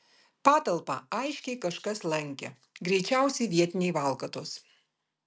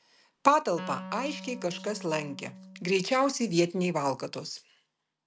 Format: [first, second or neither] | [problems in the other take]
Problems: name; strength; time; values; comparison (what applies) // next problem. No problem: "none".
first | background sound (Wind instrument, woodwind instrument); 14 dB below the speech